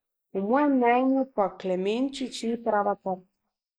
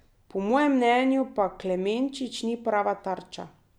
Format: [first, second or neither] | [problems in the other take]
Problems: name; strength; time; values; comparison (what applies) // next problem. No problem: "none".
second | noise reduction (neural mask model Resemble Enhance denoiser)